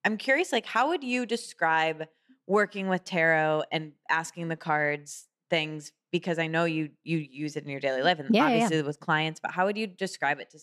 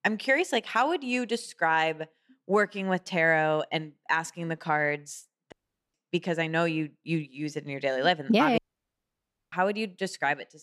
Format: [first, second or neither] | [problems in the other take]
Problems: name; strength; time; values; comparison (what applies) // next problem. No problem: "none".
first | audio cutting out; at 5.5 s and at 8.5 s for 1 s